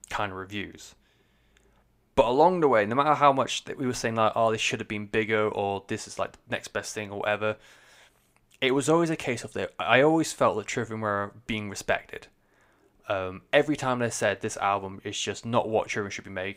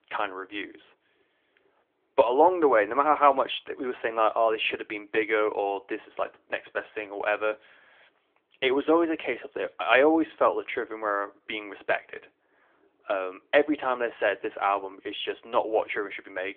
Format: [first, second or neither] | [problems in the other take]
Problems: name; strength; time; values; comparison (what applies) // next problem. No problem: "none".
first | phone-call audio; nothing above 3.5 kHz